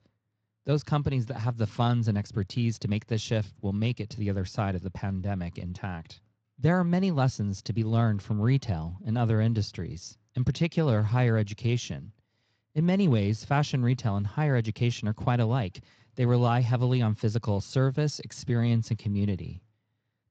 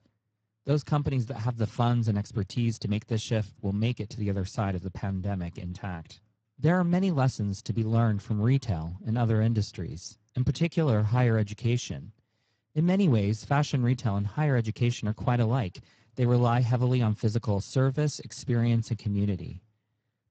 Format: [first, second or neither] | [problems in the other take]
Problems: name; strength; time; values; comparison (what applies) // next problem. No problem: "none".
first | garbled, watery; badly; nothing above 7.5 kHz; slightly in the first